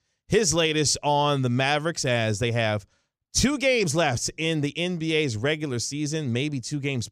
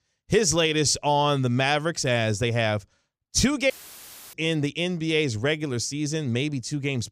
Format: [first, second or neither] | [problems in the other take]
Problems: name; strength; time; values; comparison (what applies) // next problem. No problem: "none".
first | audio cutting out; filled with static; at 3.5 s for 0.5 s